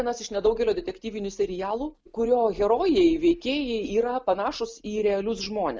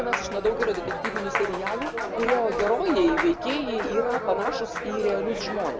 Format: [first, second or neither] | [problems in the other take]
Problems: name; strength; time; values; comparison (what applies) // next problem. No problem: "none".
first | background sound (Applause); 2 dB below the speech